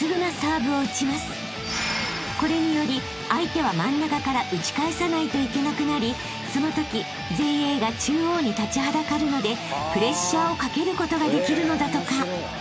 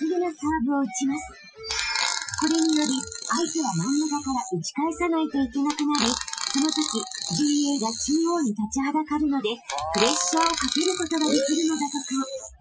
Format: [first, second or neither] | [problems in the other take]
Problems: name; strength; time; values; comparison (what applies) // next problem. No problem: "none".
first | noise reduction (classical method Wiener filter)